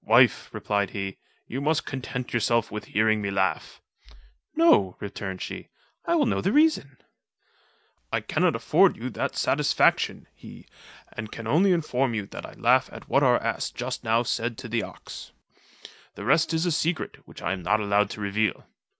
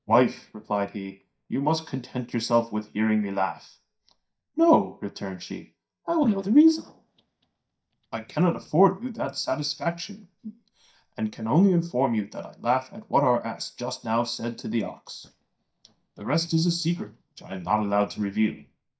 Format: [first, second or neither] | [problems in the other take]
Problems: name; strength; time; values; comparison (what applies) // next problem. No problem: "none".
first | noise reduction (neural mask model DeepFilterNet 3)